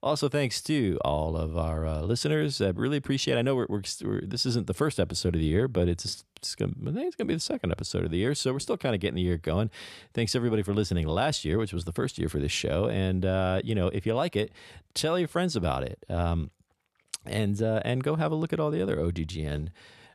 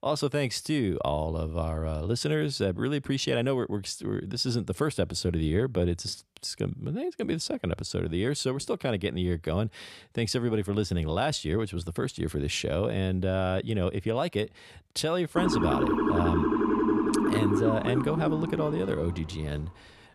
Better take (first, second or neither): first